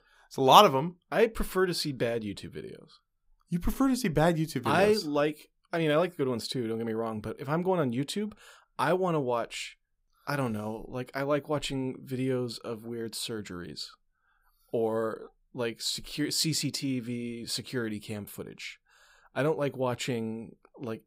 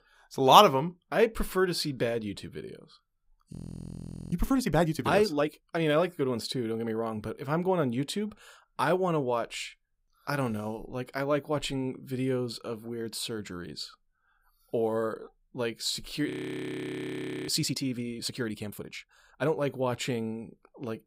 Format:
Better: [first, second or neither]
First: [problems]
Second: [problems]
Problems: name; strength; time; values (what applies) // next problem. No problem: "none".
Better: first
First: none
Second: audio freezing; at 3.5 s for 1 s and at 16 s for 1 s